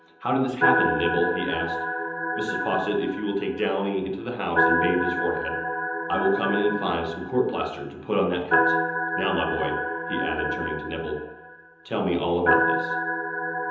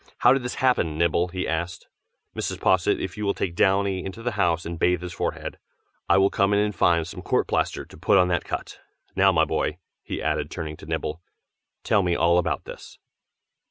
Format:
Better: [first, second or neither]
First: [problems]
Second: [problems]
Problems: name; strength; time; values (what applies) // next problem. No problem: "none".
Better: second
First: background sound (Organ); as loud as the speech // room echo; dies away in 0.9 s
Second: none